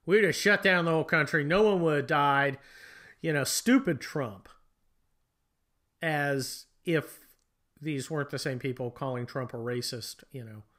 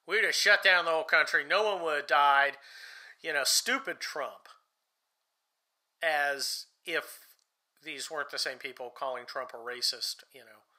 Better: first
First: none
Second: thin; very; fading below 850 Hz

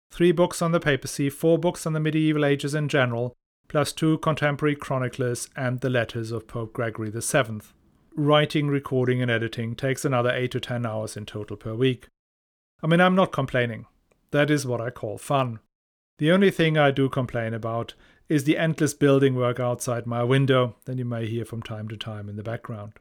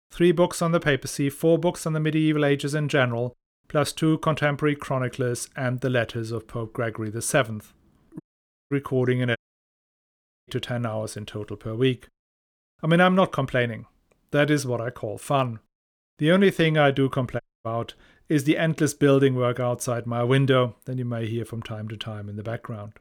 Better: first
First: none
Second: audio cutting out; at 8 s for 0.5 s, at 9.5 s for 1 s and at 17 s

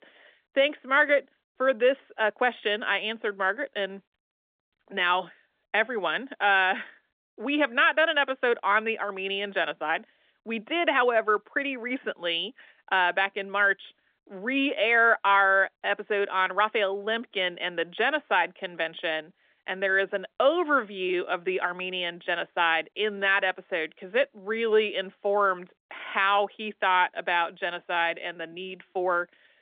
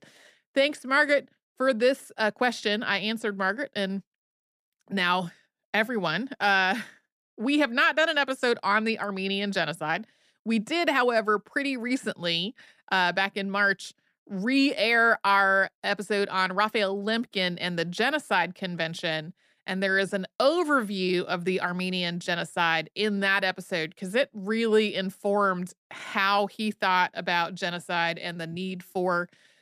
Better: second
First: phone-call audio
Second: none

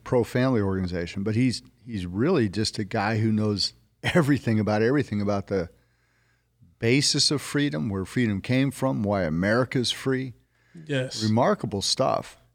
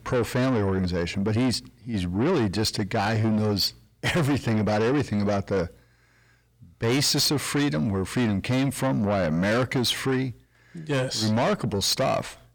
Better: first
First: none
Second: distortion; heavy; 8 dB below the speech

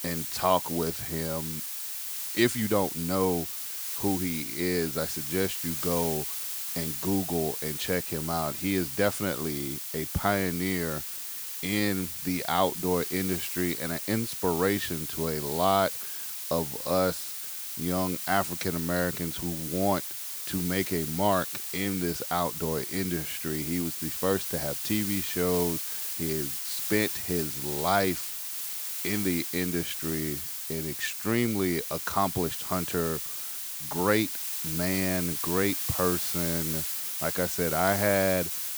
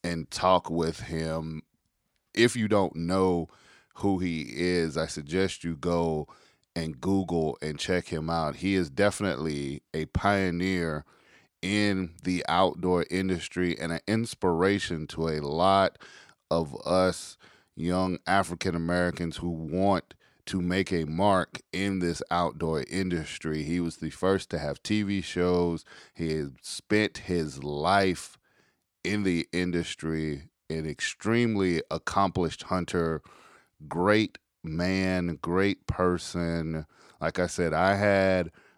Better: second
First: hiss; loud; throughout; 2 dB below the speech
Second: none

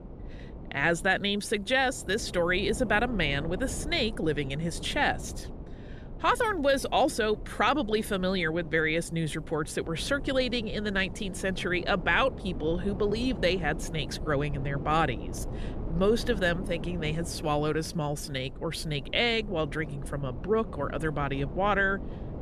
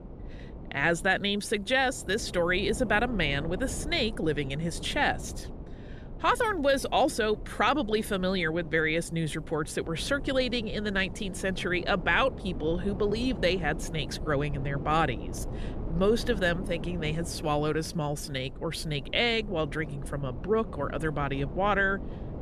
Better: neither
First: wind noise on the microphone; occasional gusts; 20 dB below the speech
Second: wind noise on the microphone; occasional gusts; 20 dB below the speech

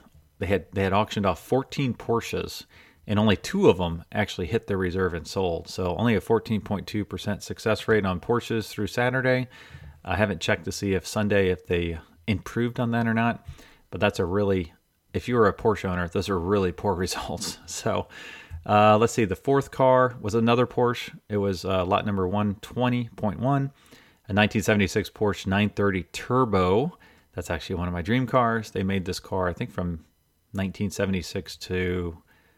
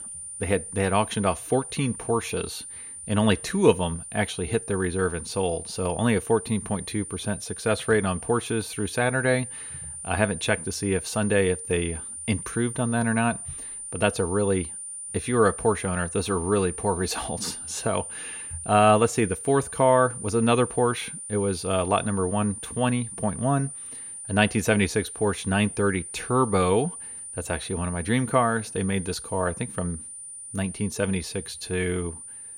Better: first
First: none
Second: high-pitched whine; loud; throughout; 9 kHz, 10 dB below the speech

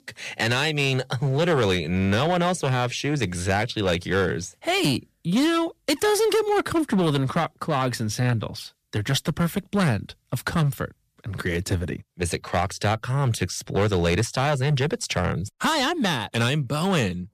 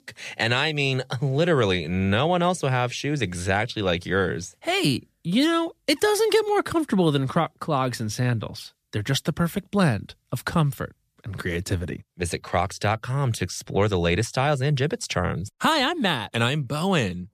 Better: second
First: distortion; slight; 8% of the sound clipped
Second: none

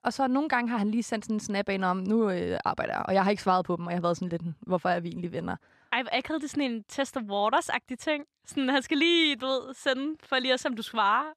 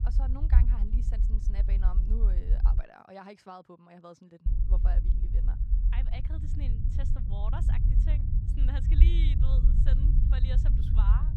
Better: first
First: none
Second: low rumble; loud; until 3 s and from 4.5 s on; 1 dB below the speech

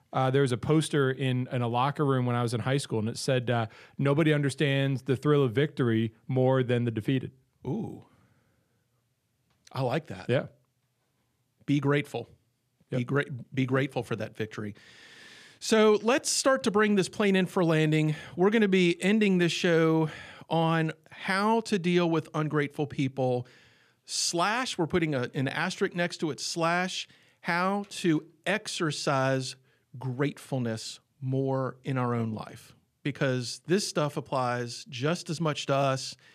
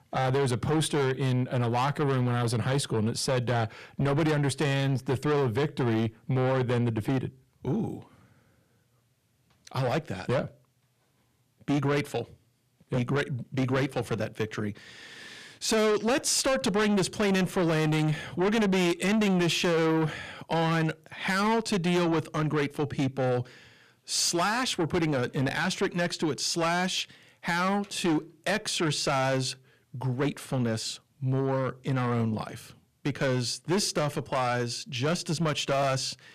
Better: first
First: none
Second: distortion; heavy; 7 dB below the speech

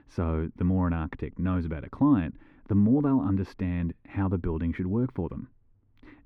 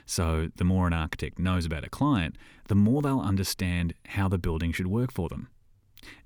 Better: second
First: muffled; very; fading above 3.5 kHz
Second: none

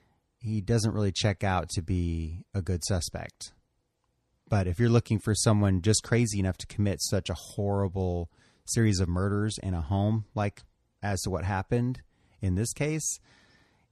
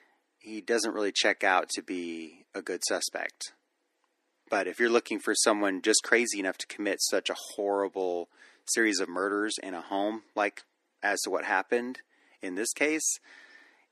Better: first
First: none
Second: thin; very; fading below 300 Hz

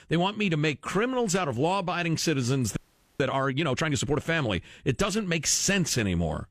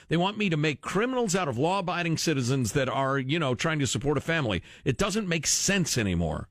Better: second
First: audio freezing; at 3 s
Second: none

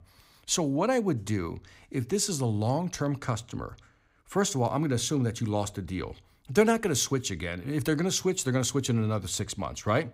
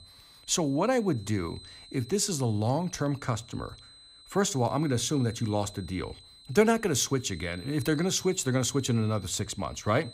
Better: first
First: none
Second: high-pitched whine; faint; throughout; 4 kHz, 20 dB below the speech

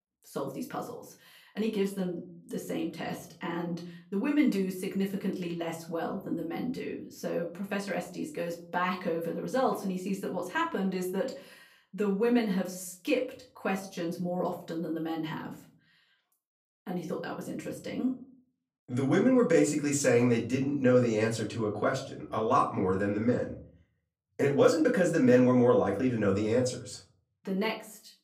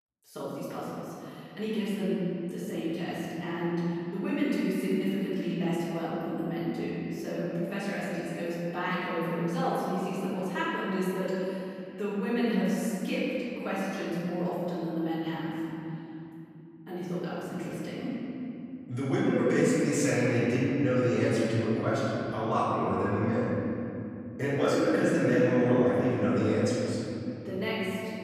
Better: first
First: room echo; slight; dies away in 0.4 s // off-mic speech; far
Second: room echo; strong; dies away in 3 s // off-mic speech; far

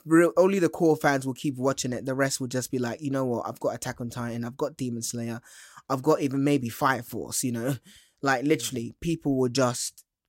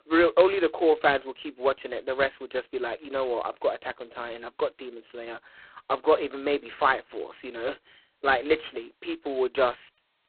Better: first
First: none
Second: phone-call audio; poor line; nothing above 4 kHz

